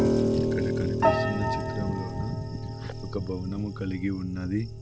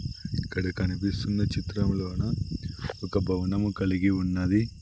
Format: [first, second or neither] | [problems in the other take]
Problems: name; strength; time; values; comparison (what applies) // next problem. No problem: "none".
second | background sound (Piano); 4 dB above the speech